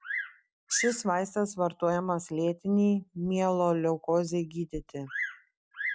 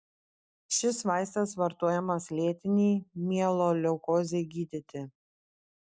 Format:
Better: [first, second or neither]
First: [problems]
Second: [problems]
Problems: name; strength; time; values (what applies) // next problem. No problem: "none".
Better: second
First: background sound (Bird vocalization, bird call, bird song); 12 dB below the speech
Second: none